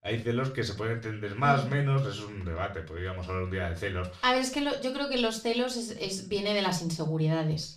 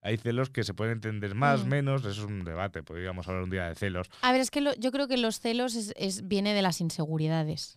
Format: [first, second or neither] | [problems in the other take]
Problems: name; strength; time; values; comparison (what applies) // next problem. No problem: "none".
second | room echo; slight; dies away in 0.3 s // off-mic speech; far